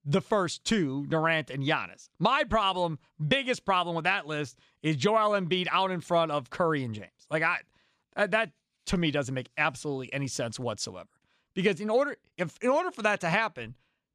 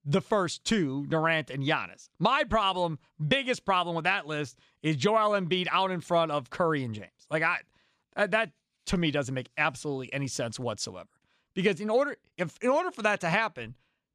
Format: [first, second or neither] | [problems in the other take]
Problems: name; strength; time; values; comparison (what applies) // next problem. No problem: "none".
neither | none